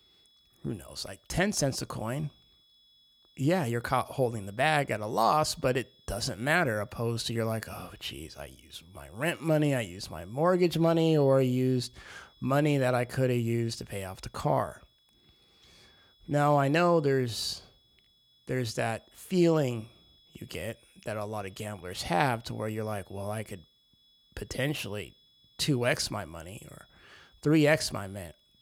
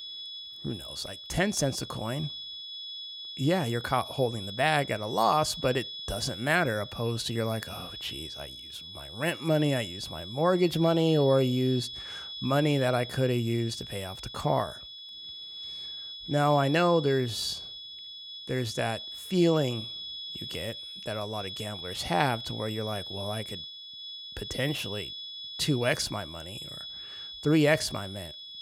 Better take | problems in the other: first | high-pitched whine; loud; throughout; 3.5 kHz, 10 dB below the speech; faint in the first

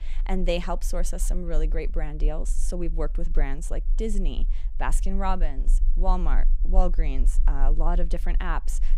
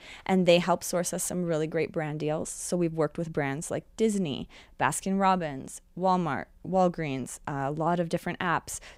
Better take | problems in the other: second | low rumble; faint; throughout; 25 dB below the speech

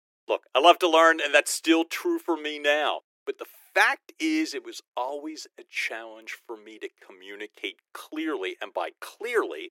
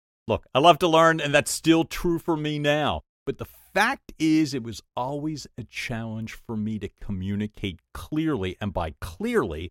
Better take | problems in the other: second | thin; very; fading below 350 Hz

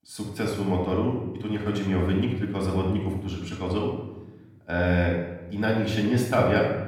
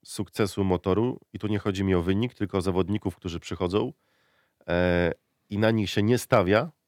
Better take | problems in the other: second | room echo; noticeable; dies away in 0.8 s // off-mic speech; far

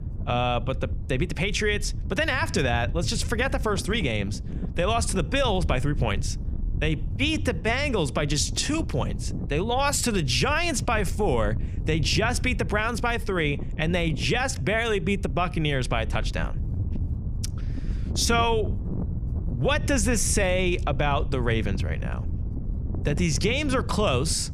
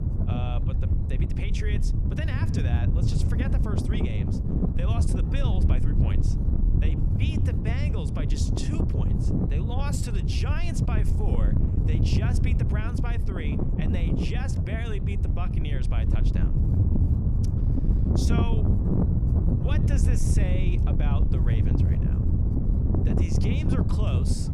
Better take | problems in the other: first | wind noise on the microphone; heavy; 2 dB above the speech; occasional gusts in the first

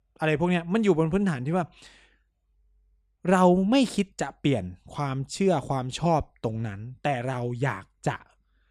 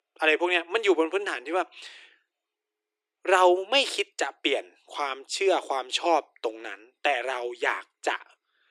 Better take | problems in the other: first | thin; very; fading below 300 Hz

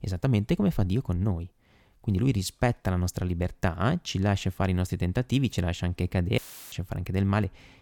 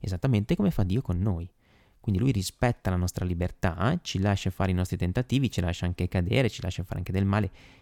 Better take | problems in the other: second | audio cutting out; filled with static; at 6.5 s

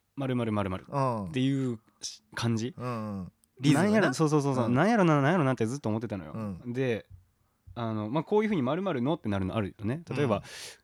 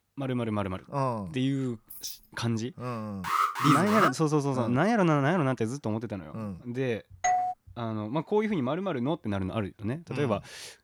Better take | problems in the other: first | jangling keys; faint; at 1.5 s; peak 10 dB below the speech // alarm; loud; at 3 s; peak 4 dB above the speech // doorbell; loud; at 7 s; peak 2 dB above the speech

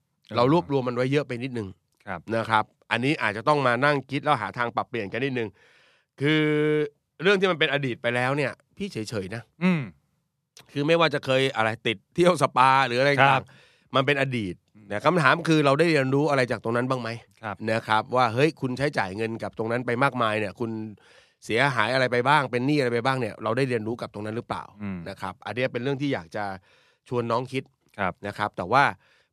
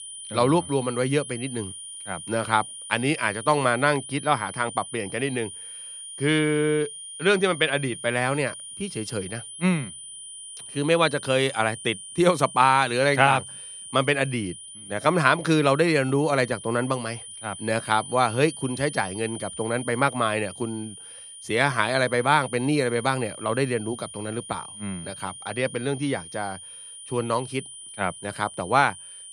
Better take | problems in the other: first | high-pitched whine; noticeable; throughout; 9.5 kHz, 15 dB below the speech

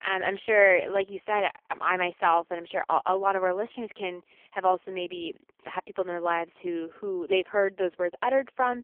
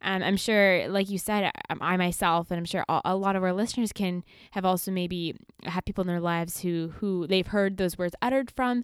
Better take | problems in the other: second | phone-call audio; poor line; nothing above 3 kHz

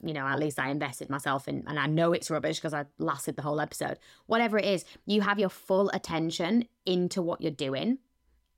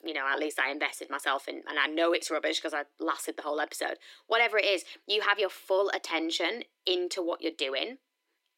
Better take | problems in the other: first | thin; very; fading below 300 Hz

